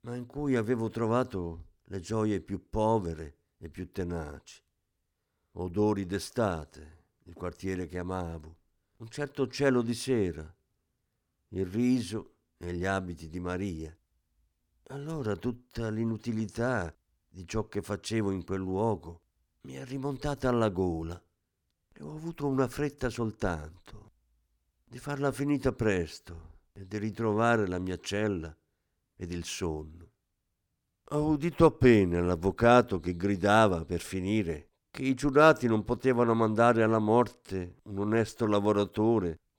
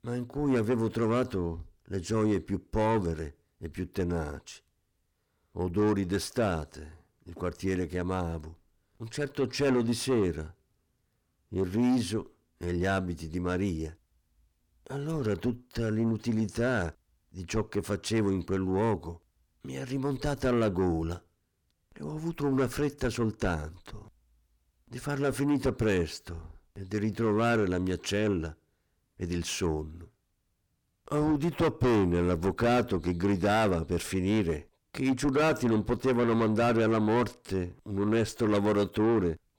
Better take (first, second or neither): first